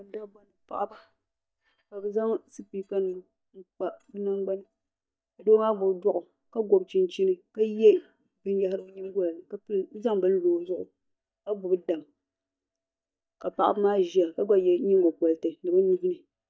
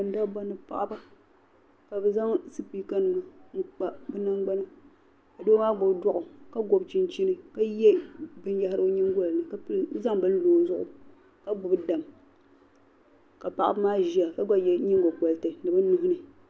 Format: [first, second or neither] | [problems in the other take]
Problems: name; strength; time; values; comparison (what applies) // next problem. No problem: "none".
second | noise reduction (neural mask model DeepFilterNet 3)